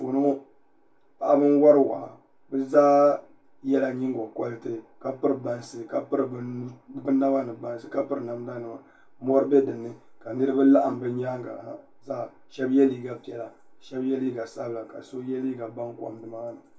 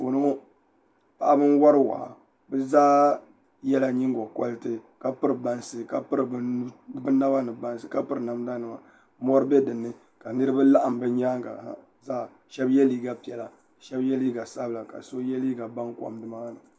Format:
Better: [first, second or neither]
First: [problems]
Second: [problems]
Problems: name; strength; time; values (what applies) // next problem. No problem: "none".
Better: second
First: room echo; dies away in 0.2 s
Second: none